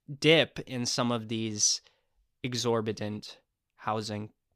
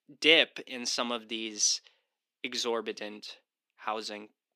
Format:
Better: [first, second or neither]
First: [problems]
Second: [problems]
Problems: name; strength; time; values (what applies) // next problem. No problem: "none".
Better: first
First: none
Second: thin; very slightly; fading below 250 Hz